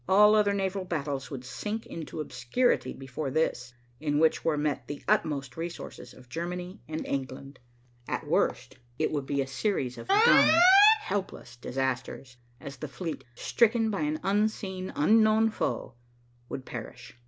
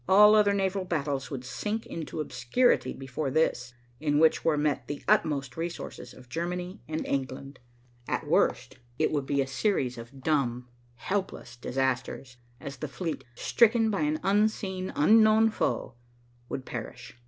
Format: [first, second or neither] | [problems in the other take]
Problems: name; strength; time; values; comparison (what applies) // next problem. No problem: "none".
second | background sound (Alarm); 3 dB above the speech